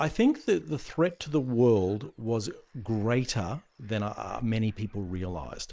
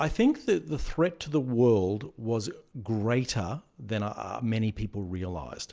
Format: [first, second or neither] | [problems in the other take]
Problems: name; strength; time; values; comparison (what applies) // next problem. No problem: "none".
second | noise reduction (neural mask model Resemble Enhance denoiser)